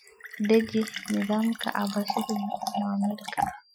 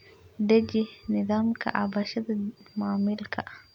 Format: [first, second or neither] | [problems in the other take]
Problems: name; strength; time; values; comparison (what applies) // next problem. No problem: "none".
second | noise reduction (classical method Wiener filter)